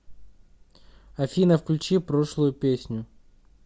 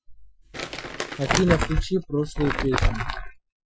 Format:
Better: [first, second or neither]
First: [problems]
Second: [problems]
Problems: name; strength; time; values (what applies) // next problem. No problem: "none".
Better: first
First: none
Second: noise reduction (classical method Wiener filter)